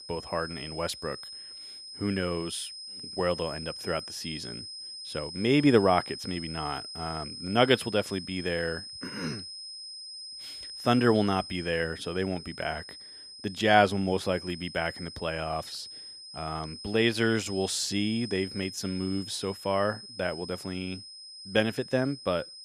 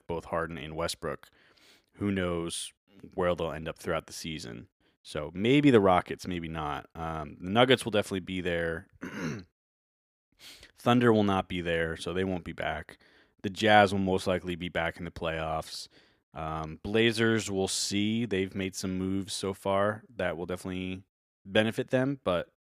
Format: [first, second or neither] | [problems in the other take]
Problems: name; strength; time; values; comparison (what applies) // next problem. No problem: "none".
second | high-pitched whine; noticeable; throughout; 5 kHz, 10 dB below the speech